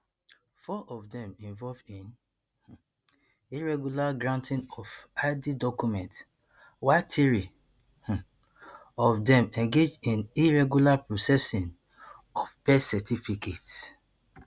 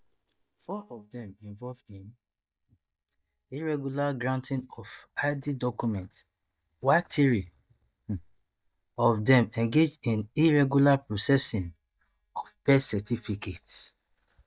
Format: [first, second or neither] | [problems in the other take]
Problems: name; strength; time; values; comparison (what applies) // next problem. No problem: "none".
first | noise reduction (neural mask model DeepFilterNet 3)